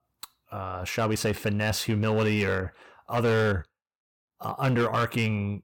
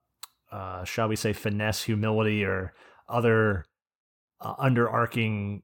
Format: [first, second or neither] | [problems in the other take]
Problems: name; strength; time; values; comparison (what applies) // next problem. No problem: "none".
second | distortion; slight; 10% of the sound clipped